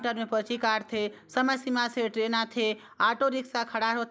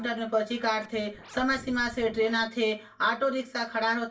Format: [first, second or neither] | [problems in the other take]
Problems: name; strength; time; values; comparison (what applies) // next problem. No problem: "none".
first | background sound (Scratching (performance technique)); 19 dB below the speech // room echo; dies away in 0.2 s